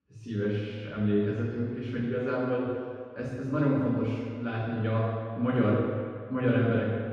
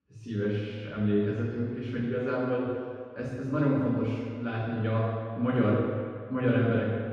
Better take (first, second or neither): neither